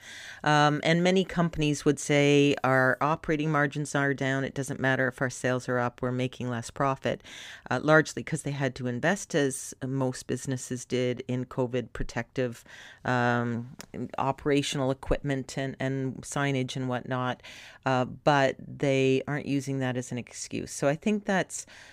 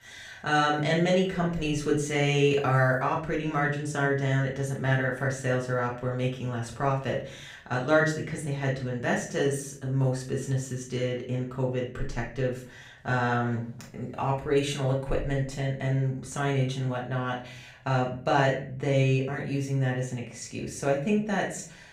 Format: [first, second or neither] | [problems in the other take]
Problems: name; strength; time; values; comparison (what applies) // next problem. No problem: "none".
first | off-mic speech; far // room echo; slight; dies away in 0.4 s